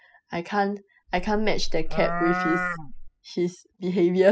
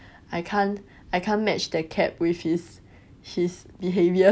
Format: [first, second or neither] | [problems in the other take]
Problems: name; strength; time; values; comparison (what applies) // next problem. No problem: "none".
second | noise reduction (classical method spectral subtraction)